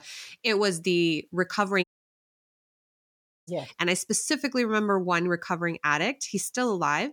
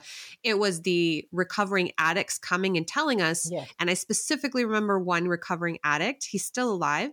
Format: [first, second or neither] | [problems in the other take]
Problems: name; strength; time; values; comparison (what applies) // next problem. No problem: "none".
second | audio cutting out; at 2 s for 1.5 s